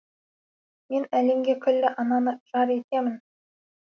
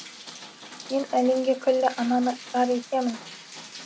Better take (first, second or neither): first